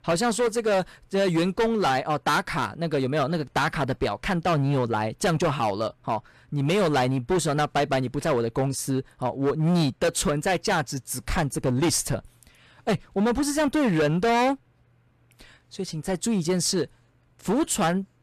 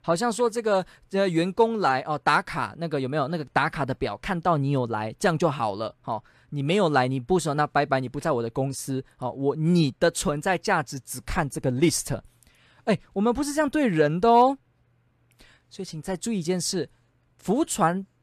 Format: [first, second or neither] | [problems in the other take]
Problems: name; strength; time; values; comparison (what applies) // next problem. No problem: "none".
second | distortion; heavy; 12% of the sound clipped